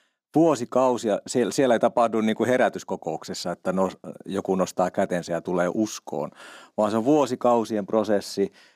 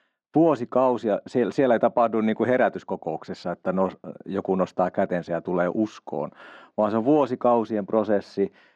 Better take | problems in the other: first | muffled; slightly; fading above 2.5 kHz

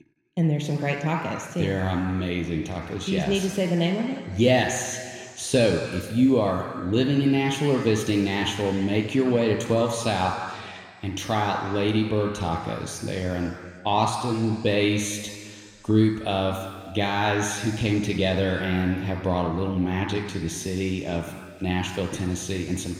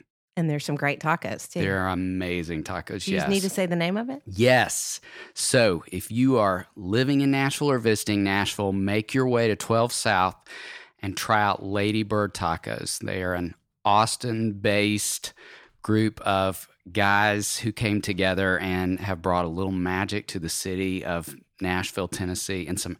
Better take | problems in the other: second | room echo; noticeable; dies away in 2 s

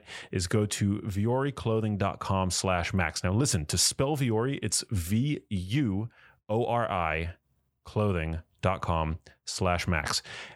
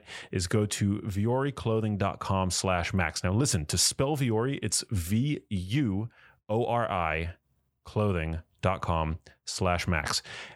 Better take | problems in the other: neither | none

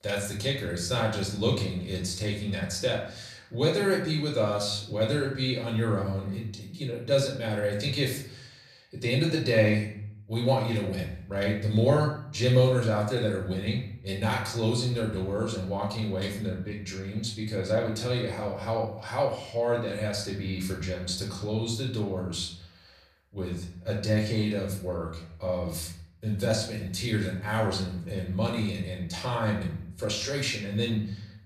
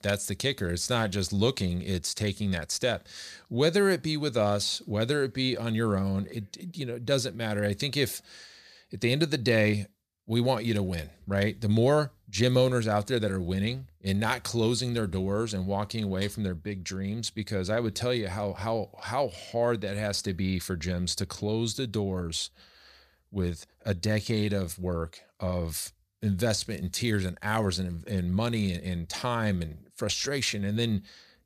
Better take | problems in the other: second | off-mic speech; far // room echo; slight; dies away in 0.6 s

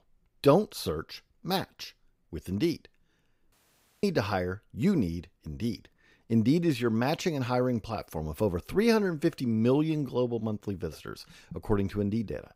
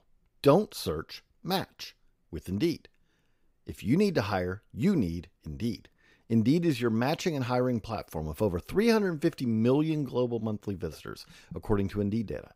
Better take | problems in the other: second | audio cutting out; at 3.5 s for 0.5 s

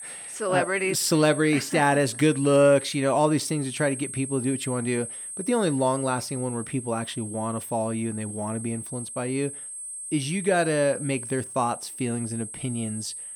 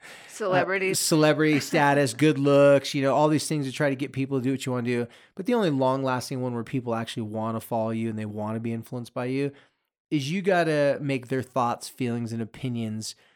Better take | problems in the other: second | high-pitched whine; loud; throughout; 8.5 kHz, 9 dB below the speech

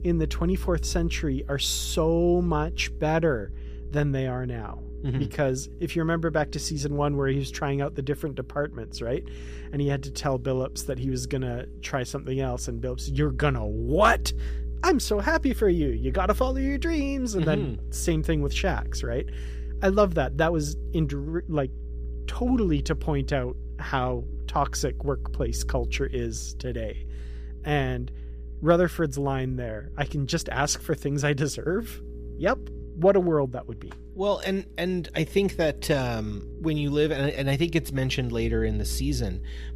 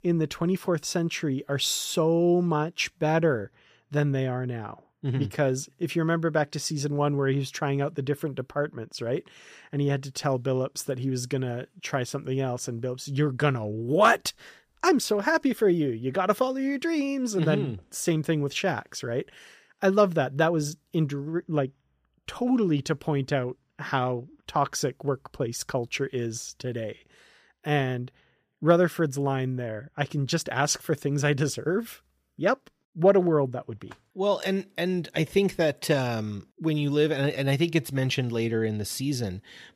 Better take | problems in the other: second | low rumble; faint; throughout; 20 dB below the speech

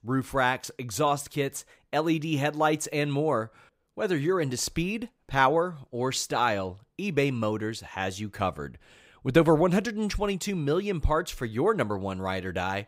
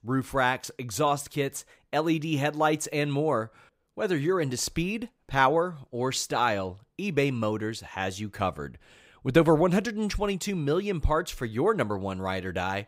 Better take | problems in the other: neither | none

